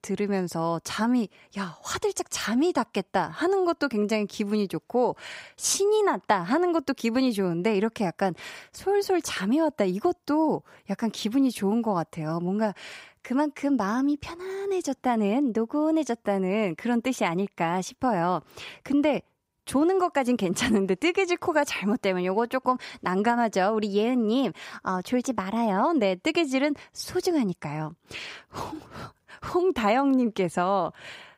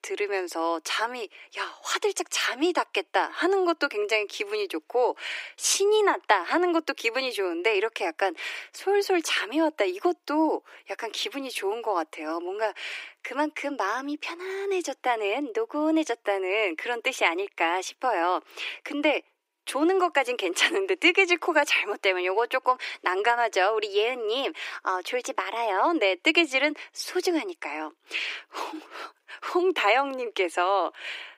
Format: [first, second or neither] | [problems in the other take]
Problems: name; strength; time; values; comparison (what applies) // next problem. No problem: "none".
first | thin; very; fading below 300 Hz